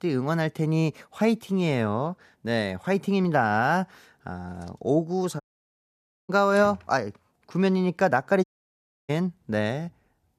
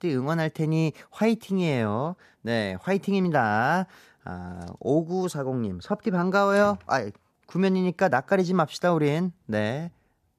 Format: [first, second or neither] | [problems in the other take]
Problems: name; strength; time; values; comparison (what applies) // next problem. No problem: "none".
second | audio cutting out; at 5.5 s for 1 s and at 8.5 s for 0.5 s